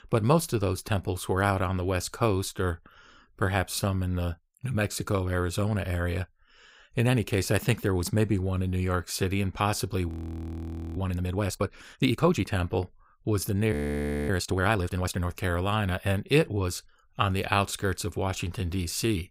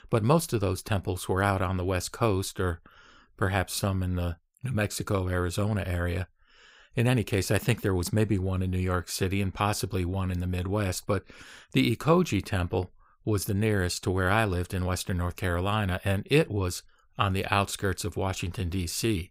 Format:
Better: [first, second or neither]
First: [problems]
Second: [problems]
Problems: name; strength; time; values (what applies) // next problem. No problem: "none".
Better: second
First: audio freezing; at 10 s for 1 s and at 14 s for 0.5 s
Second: none